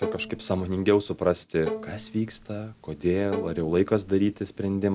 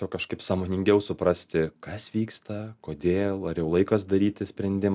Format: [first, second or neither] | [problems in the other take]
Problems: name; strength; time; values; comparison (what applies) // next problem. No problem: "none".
second | background sound (Bowed string instrument); 12 dB below the speech